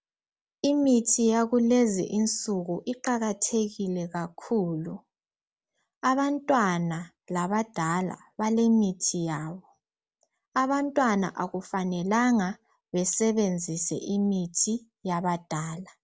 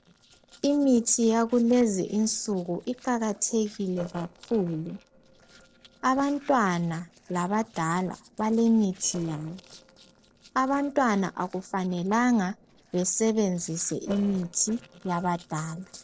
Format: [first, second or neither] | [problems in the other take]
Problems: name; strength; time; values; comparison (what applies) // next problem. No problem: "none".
first | noise reduction (neural separator model SepFormer DNS4)